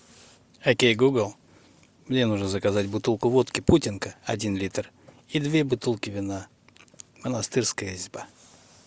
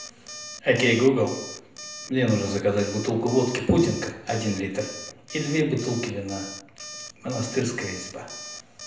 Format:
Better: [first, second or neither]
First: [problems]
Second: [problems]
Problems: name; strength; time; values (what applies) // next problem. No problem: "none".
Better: first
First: none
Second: background sound (Alarm); 14 dB below the speech // room echo; dies away in 0.7 s